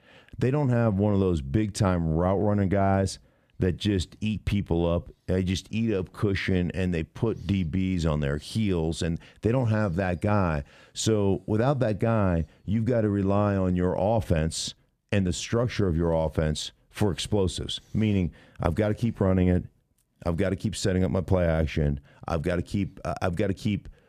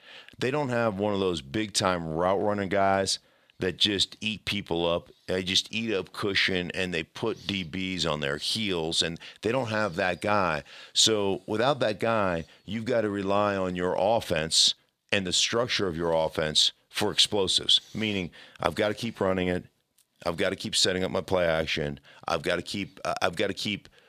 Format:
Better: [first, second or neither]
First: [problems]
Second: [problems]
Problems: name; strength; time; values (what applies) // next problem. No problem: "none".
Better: first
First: none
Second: thin; somewhat; fading below 800 Hz